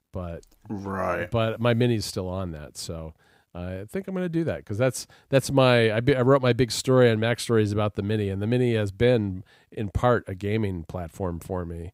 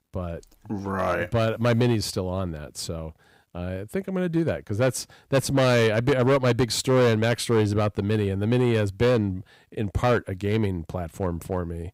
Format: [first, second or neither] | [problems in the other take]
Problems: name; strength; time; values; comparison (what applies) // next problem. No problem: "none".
first | distortion; slight; 6% of the sound clipped